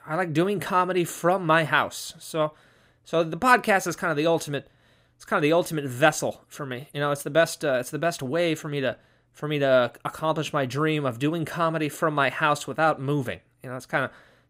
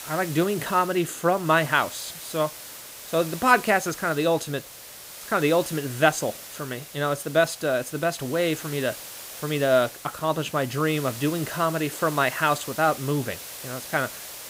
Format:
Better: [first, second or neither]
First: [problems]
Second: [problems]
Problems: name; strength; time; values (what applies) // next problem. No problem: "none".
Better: first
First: none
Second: hiss; noticeable; throughout; 15 dB below the speech